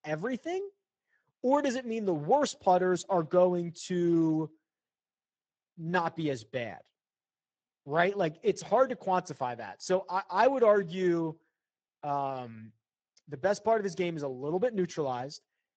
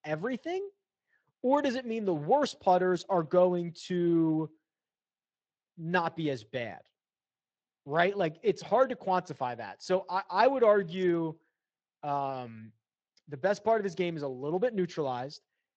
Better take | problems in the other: second | garbled, watery; badly; nothing above 8 kHz; slightly in the second

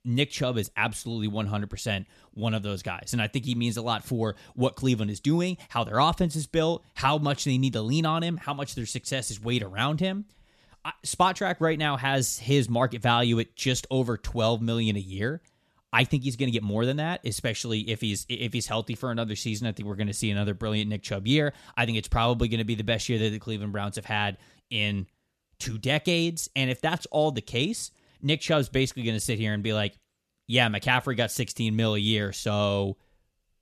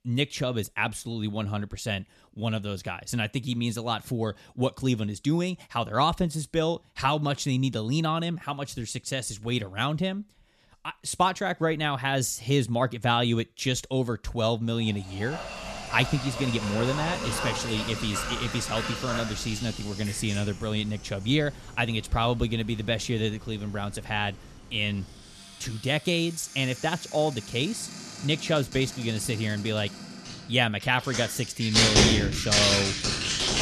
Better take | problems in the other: first | household noises; loud; from 15 s on; 1 dB below the speech

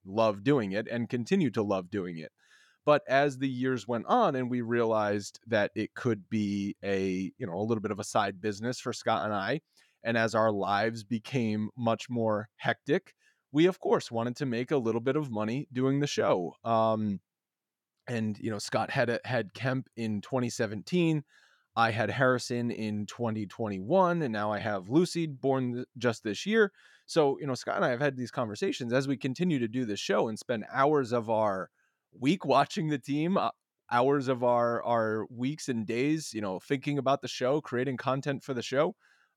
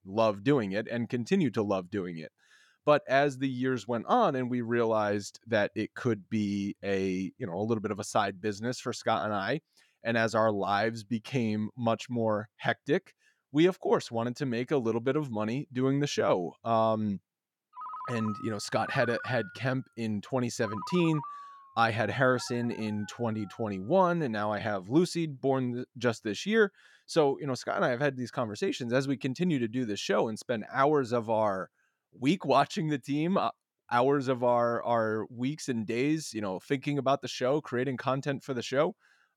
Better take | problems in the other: first | phone ringing; noticeable; from 18 to 24 s; peak 9 dB below the speech

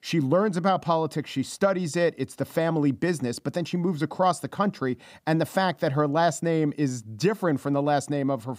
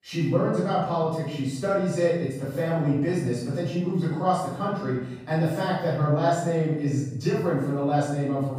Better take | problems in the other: first | off-mic speech; far // room echo; strong; dies away in 0.9 s

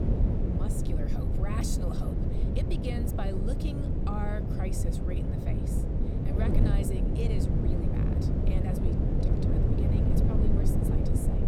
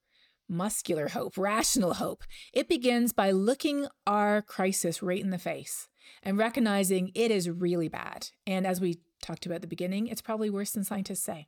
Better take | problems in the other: second | wind noise on the microphone; heavy; 4 dB above the speech

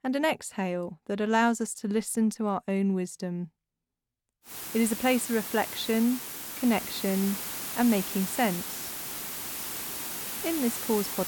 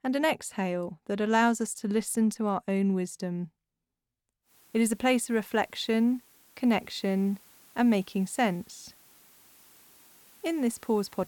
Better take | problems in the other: second | hiss; loud; from 4.5 s on; 5 dB below the speech; faint in the second

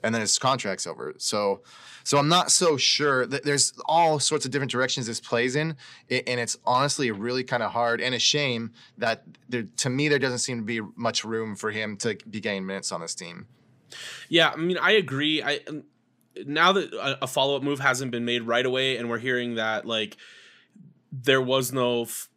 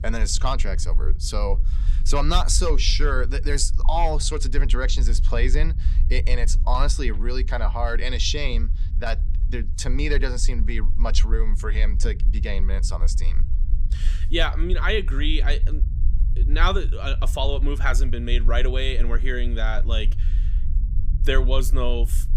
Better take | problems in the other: first | low rumble; noticeable; throughout; 20 dB below the speech

